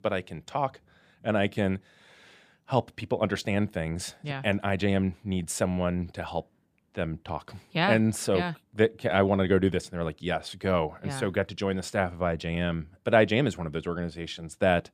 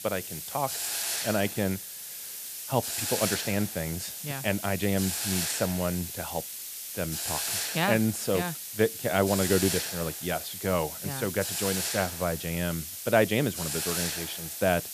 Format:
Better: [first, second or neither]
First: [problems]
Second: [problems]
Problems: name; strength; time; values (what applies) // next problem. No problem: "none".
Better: first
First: none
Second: hiss; loud; throughout; 2 dB below the speech